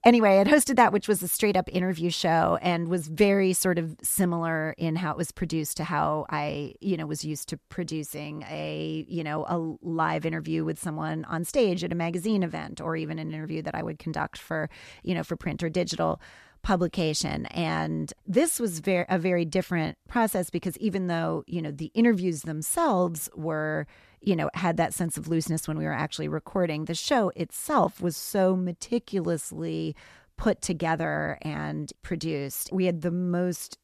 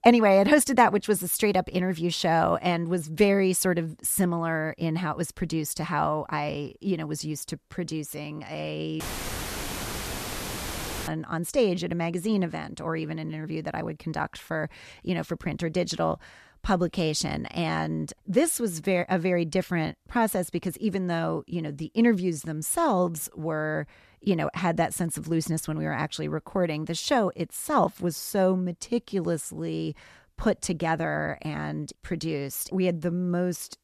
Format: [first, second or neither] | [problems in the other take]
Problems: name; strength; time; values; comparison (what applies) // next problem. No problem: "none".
first | audio cutting out; filled with static; at 9 s for 2 s